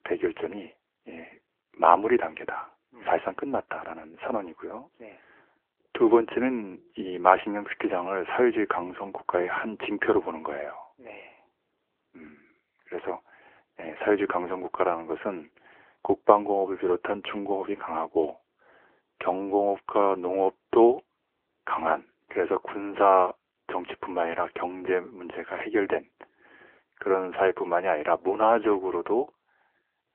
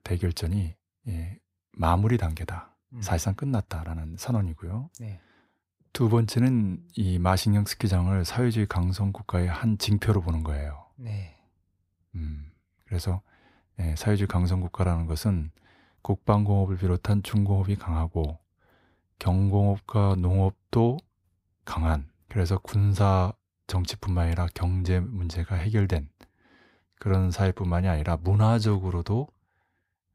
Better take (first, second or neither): second